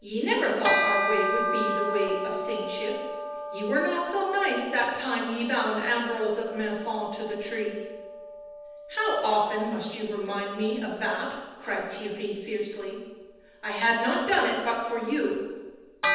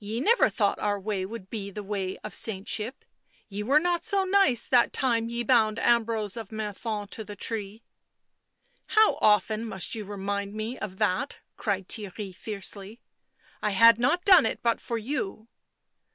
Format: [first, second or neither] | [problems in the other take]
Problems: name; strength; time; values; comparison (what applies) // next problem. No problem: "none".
second | background sound (Bell); 6 dB below the speech // room echo; dies away in 1.1 s